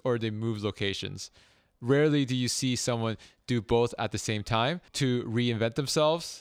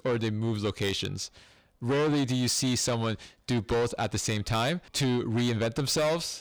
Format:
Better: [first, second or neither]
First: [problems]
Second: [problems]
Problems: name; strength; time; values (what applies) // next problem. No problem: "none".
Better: first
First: none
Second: distortion; heavy; 7 dB below the speech